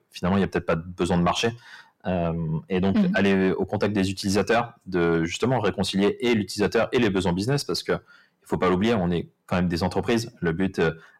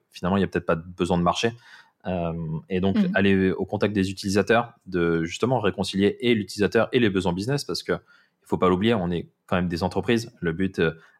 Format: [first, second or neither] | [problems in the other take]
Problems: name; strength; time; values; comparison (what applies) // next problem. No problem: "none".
second | distortion; slight; 10 dB below the speech